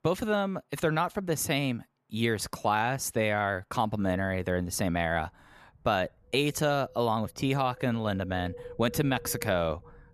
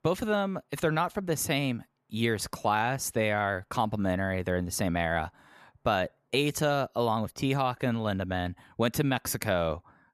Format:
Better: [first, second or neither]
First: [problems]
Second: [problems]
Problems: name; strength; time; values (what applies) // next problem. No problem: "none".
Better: second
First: wind noise on the microphone; occasional gusts; from 4 s on; 20 dB below the speech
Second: none